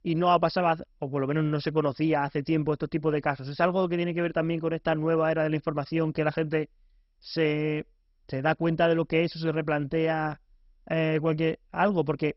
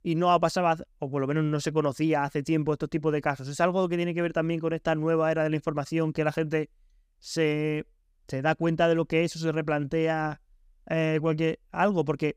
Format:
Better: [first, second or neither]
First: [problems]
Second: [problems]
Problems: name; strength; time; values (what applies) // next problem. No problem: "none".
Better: second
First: garbled, watery; badly; nothing above 5.5 kHz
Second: none